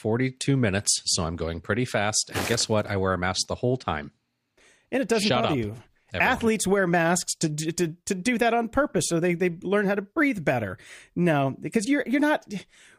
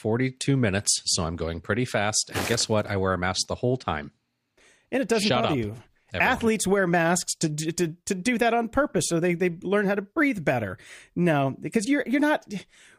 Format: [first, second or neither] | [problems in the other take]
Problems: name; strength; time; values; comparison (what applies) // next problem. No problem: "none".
neither | footsteps; noticeable; at 2.5 s; peak 6 dB below the speech; the same in both